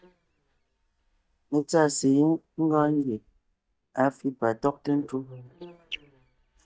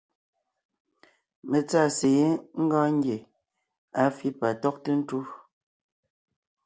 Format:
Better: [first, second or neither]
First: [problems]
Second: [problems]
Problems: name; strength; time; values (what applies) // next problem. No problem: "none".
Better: second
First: noise reduction (neural mask model DeepFilterNet 3)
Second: none